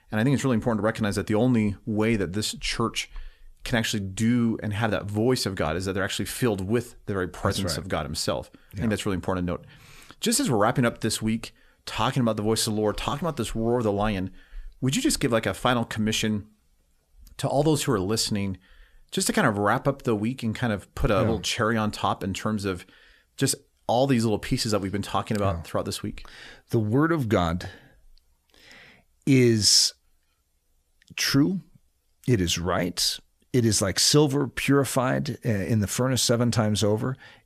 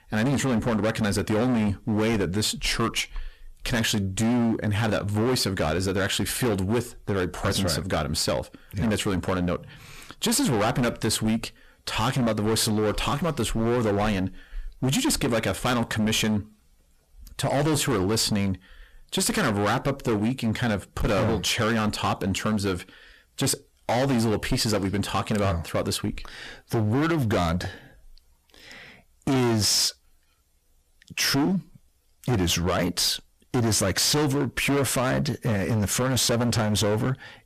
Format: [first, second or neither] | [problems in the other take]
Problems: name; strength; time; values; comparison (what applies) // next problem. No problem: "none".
first | distortion; heavy; 19% of the sound clipped